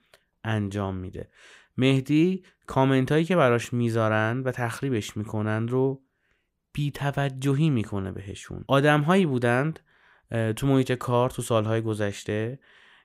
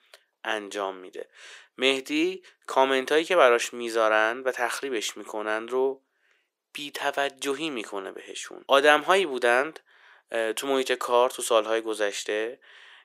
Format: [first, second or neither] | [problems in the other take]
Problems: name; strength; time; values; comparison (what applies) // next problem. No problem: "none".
first | thin; very; fading below 400 Hz